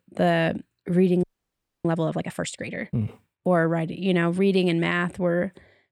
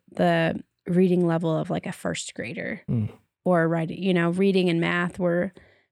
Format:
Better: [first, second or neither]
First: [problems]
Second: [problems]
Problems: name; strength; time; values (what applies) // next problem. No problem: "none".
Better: second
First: audio freezing; at 1 s for 0.5 s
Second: none